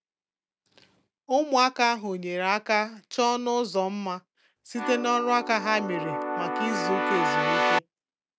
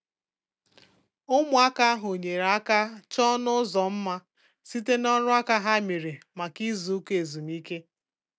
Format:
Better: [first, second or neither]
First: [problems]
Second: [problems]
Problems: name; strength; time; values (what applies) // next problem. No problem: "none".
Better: second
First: background sound (Keyboard (musical)); as loud as the speech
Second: none